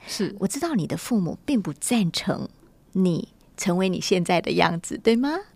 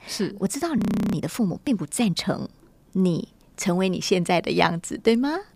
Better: first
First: none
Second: audio freezing; at 1 s

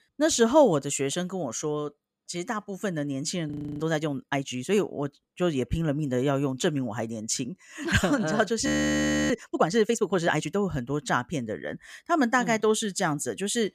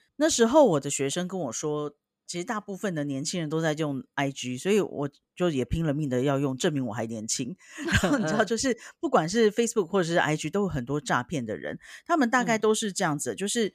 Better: second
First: audio freezing; at 3.5 s and at 8.5 s for 0.5 s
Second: none

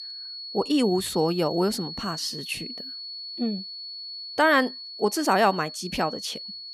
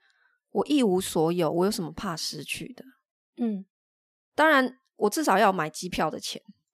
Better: second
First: high-pitched whine; loud; throughout; 4.5 kHz, 10 dB below the speech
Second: none

